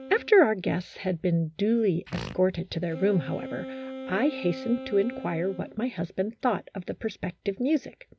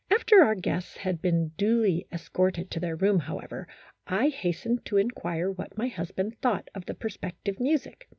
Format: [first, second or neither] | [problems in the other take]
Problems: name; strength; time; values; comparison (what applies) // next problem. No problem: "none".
second | background sound (Wind instrument, woodwind instrument + Fart); 14 dB below the speech